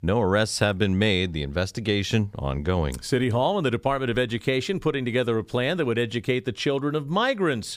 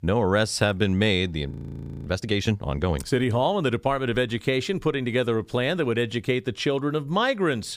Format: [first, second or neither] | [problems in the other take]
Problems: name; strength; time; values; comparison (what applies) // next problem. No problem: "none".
first | audio freezing; at 1.5 s for 0.5 s